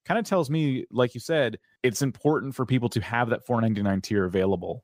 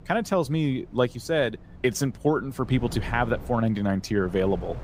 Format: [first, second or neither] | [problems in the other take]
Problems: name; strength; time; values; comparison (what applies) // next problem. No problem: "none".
first | wind noise on the microphone; occasional gusts; 20 dB below the speech